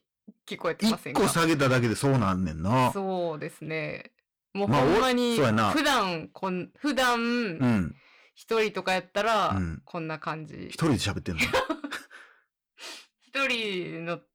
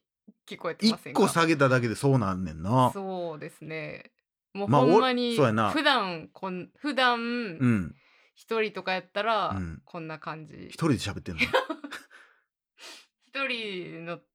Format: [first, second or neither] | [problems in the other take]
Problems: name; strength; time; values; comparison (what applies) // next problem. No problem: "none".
second | distortion; heavy; 9% of the sound clipped